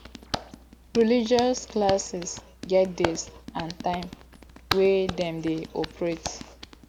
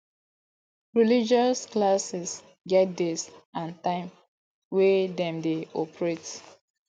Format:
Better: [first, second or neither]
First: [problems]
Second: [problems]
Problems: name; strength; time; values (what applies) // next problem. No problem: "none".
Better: second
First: background sound (Hands); 10 dB below the speech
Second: none